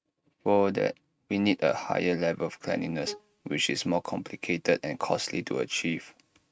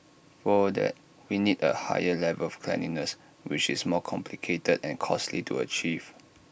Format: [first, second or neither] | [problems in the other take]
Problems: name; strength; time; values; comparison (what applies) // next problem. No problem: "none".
second | noise reduction (neural mask model RNNoise)